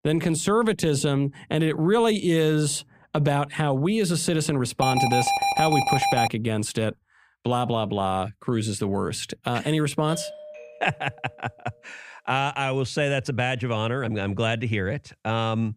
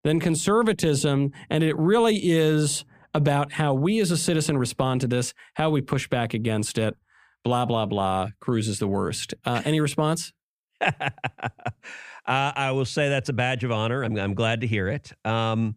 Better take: second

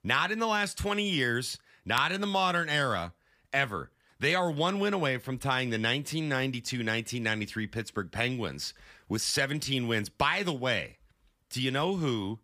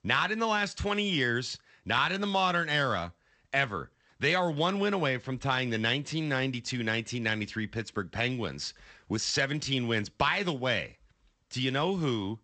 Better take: first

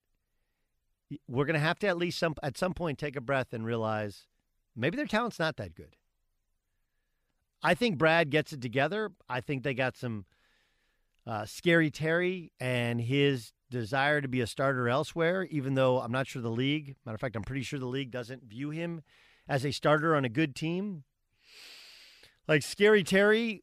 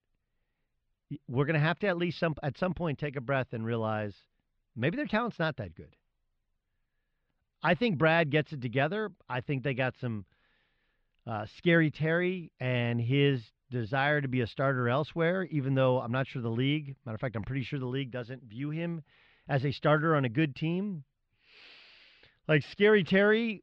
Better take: first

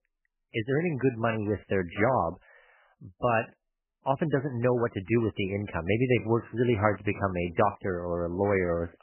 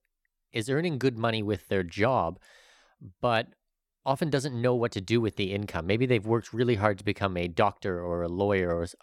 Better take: second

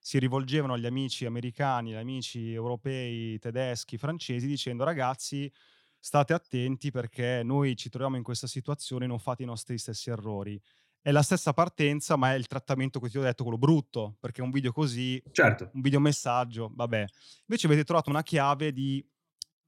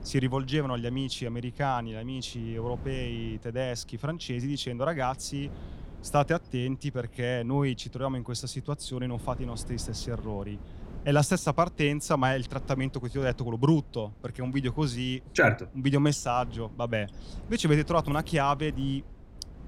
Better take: first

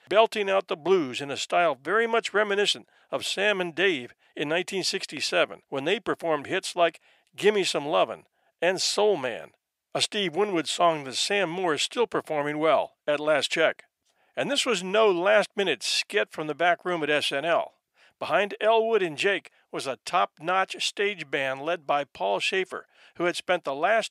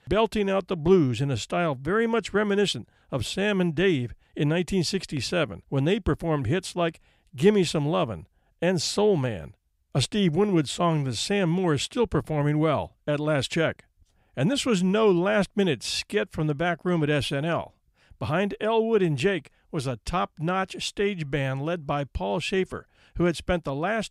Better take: second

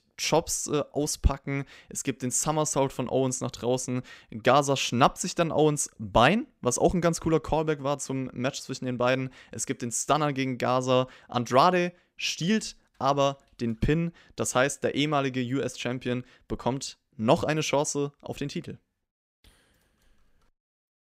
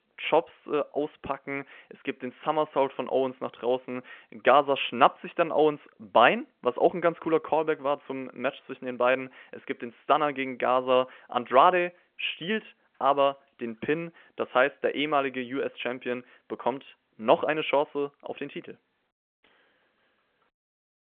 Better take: first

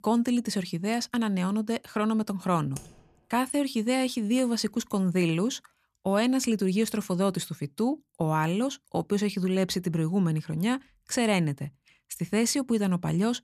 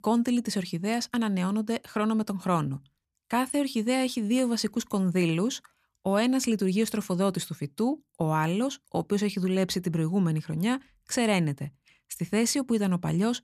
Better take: second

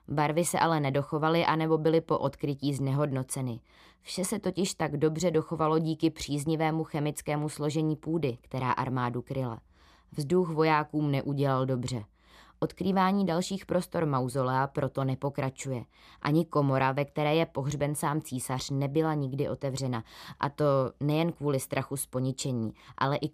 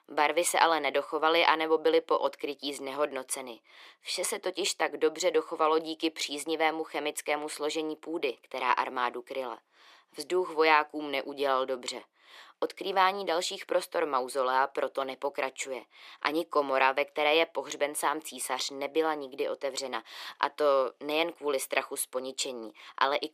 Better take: first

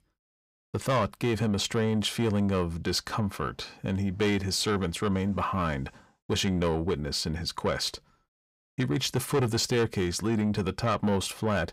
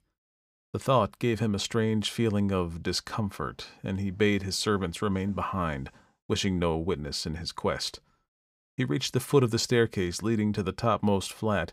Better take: second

